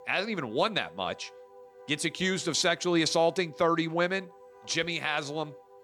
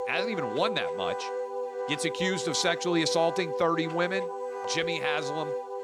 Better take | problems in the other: first | background music; loud; throughout; 4 dB below the speech; faint in the first

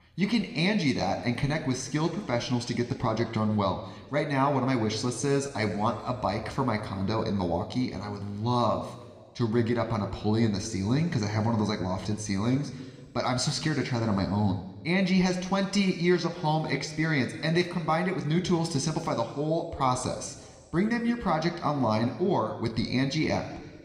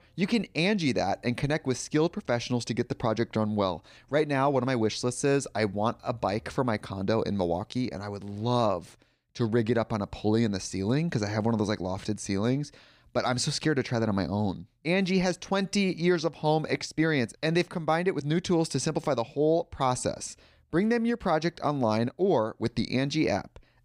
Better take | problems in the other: second | room echo; slight; dies away in 1.3 s

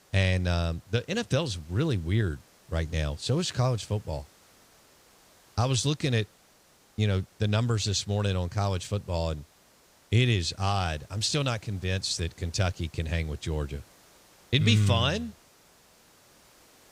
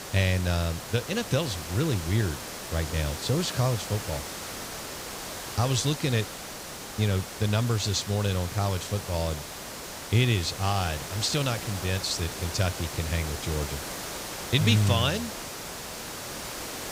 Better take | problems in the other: first | hiss; loud; throughout; 8 dB below the speech; faint in the first

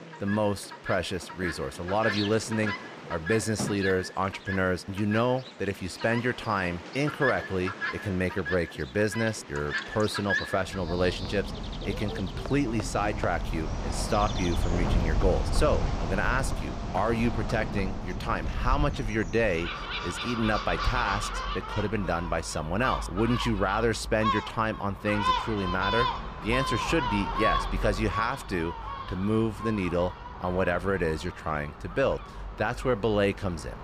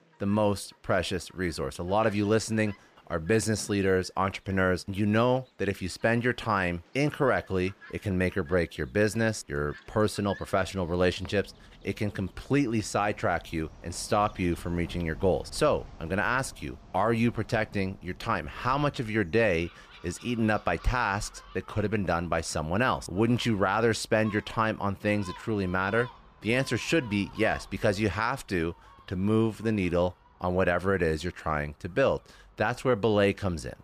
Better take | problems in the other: second | animal sounds; loud; throughout; 5 dB below the speech; faint in the second

